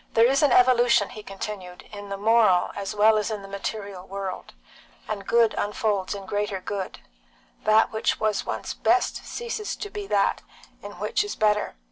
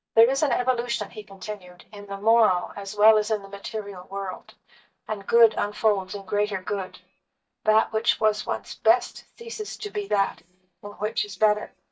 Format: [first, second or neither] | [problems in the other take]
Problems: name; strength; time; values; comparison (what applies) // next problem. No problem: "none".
first | noise reduction (neural mask model DeepFilterNet 3)